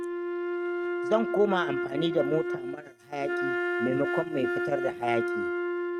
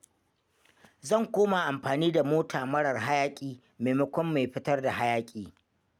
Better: second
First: noise reduction (neural mask model RNNoise)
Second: none

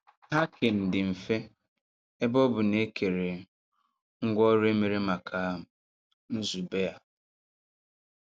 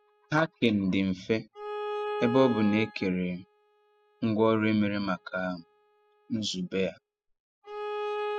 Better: first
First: none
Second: noise reduction (classical method spectral subtraction)

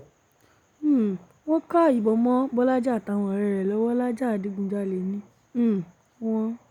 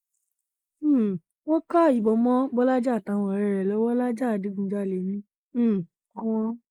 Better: first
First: none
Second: noise reduction (neural mask model Resemble Enhance denoiser)

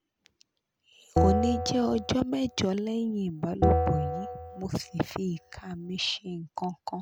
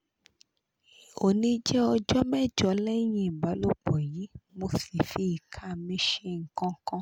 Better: second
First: background sound (Bell); as loud as the speech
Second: none

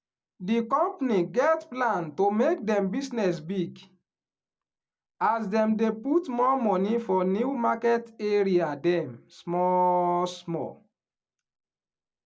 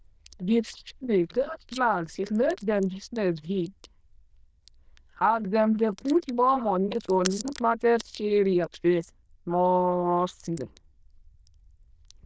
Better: first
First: none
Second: noise reduction (neural diffusion model UNIVERSE++)

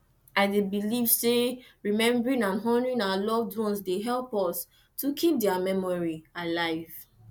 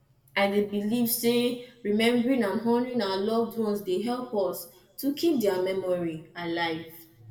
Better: first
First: none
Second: room echo; dies away in 0.6 s

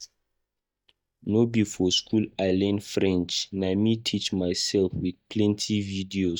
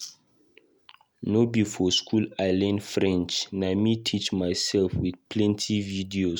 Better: second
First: noise reduction (neural mask model DeepFilterNet 3)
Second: none

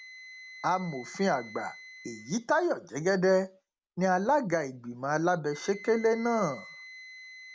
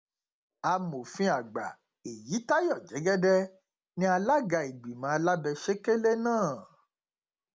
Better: second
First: background sound (Wind instrument, woodwind instrument); 19 dB below the speech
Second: none

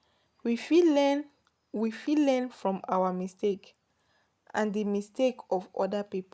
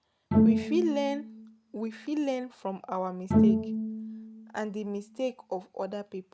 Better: first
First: none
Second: background sound (Bowed string instrument); 4 dB above the speech

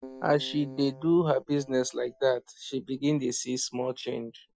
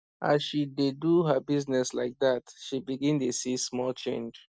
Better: second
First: noise reduction (classical method Wiener filter)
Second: none

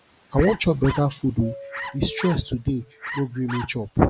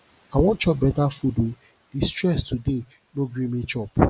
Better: second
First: background sound (Bark + Doorbell); 13 dB below the speech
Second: none

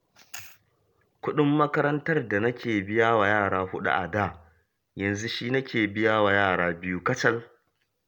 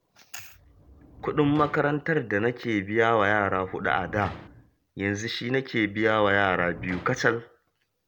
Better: first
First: none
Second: background sound (Sliding door); 19 dB below the speech

